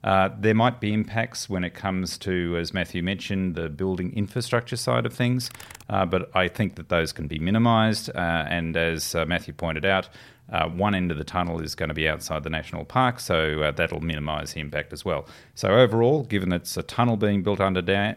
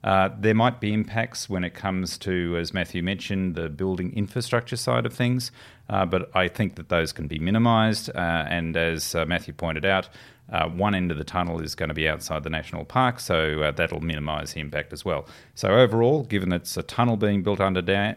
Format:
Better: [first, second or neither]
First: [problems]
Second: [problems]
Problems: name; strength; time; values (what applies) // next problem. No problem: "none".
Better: second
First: keyboard typing; faint; at 5.5 s; peak 20 dB below the speech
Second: none